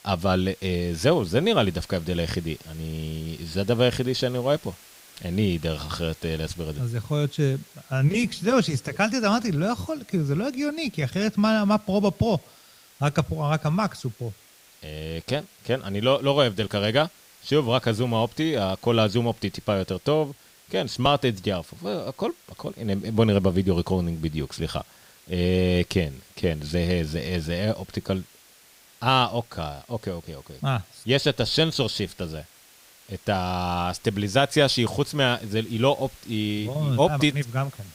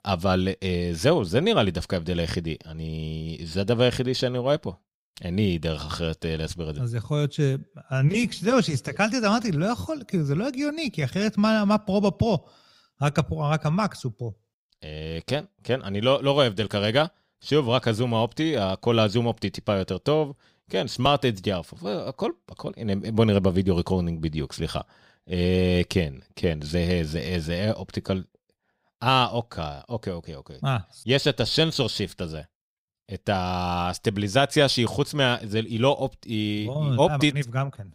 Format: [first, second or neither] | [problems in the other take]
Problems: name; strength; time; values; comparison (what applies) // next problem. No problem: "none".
second | hiss; faint; throughout; 25 dB below the speech